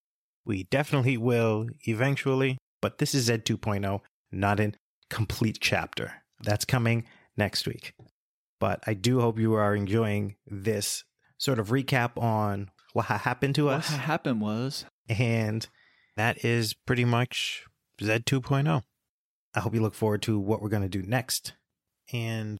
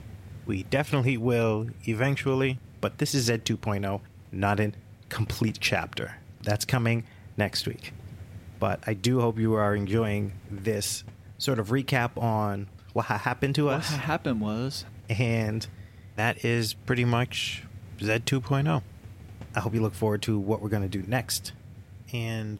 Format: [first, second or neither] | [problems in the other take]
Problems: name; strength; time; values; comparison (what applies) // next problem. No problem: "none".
first | hiss; noticeable; throughout; 20 dB below the speech